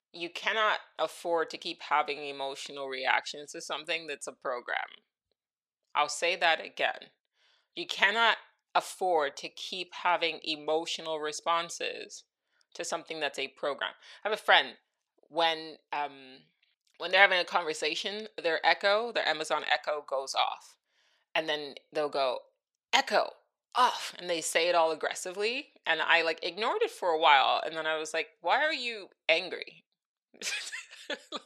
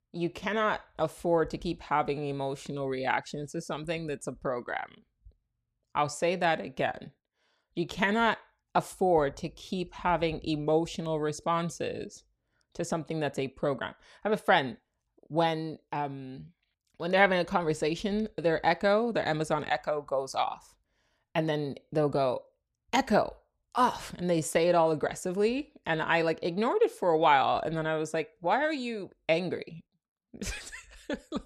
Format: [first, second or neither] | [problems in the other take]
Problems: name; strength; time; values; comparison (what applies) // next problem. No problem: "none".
second | thin; very; fading below 550 Hz